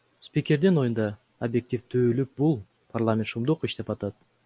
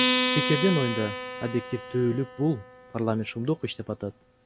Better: first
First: none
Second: background sound (Acoustic guitar); 3 dB below the speech

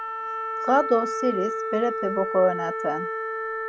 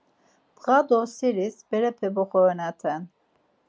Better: second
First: background sound (Wind instrument, woodwind instrument); 3 dB below the speech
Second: none

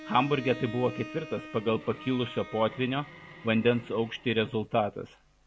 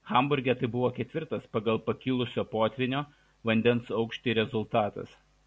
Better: second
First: background sound (Bowed string instrument); 16 dB below the speech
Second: none

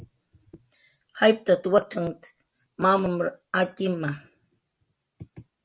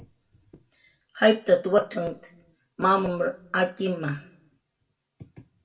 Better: first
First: none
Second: room echo; dies away in 0.5 s

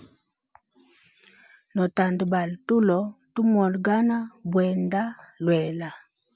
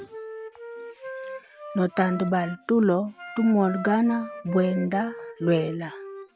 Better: first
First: none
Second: background sound (Wind instrument, woodwind instrument); 13 dB below the speech

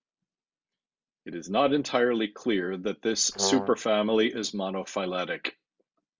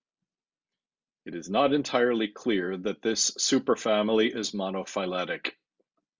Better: second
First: background sound (Brass instrument); 5 dB below the speech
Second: none

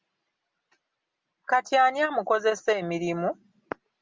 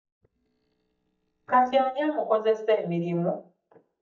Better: first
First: none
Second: noise reduction (neural mask model DeepFilterNet 3)

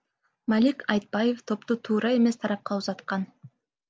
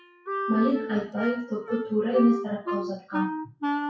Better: first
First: none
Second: noise reduction (classical method WPE with log-MMSE)

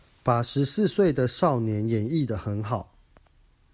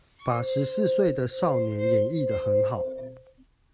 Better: first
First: none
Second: background sound (Glass); 2 dB above the speech

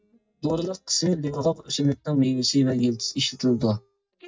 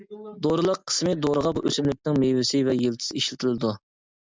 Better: second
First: noise reduction (neural mask model DeepFilterNet 3)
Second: none

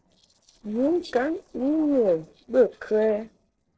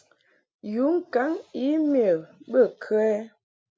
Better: second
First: noise reduction (neural separator model SepFormer DNS4)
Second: none

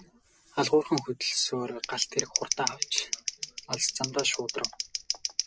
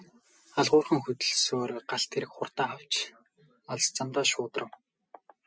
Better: second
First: background sound (Scissors); 4 dB below the speech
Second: none

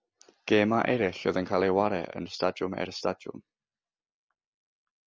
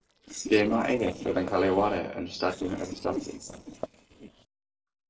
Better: first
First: none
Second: noise reduction (neural separator model SepFormer DNS4)

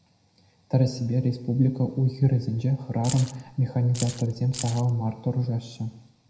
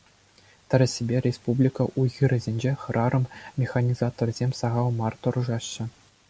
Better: second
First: background sound (Keys jangling); 12 dB below the speech // room echo; dies away in 0.7 s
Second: none

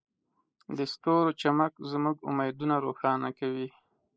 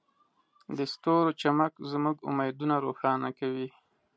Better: second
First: noise reduction (neural mask model Resemble Enhance denoiser)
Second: none

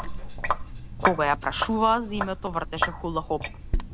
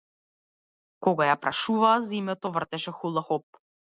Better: second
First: background sound (Sink (filling or washing)); 2 dB below the speech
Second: none

